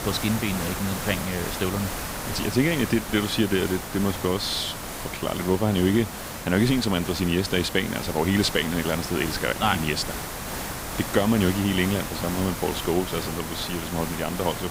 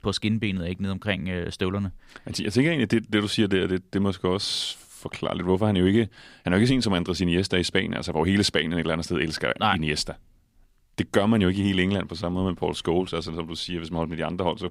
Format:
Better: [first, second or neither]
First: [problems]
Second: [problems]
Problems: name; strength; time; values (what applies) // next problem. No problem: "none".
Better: second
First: hiss; loud; throughout; 6 dB below the speech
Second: none